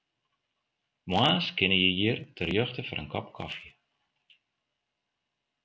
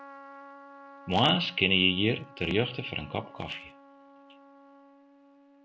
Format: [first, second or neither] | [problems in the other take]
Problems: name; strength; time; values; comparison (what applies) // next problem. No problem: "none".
first | background sound (Trumpet); 20 dB below the speech